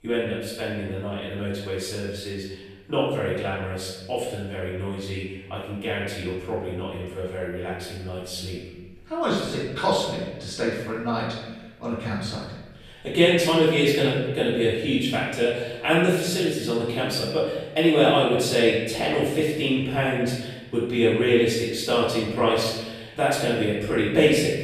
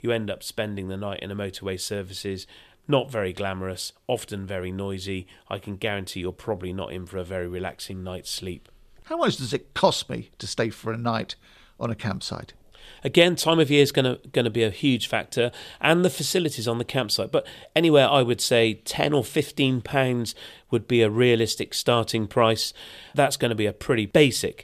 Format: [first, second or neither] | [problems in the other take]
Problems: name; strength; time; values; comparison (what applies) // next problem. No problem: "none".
second | off-mic speech; far // room echo; noticeable; dies away in 1.1 s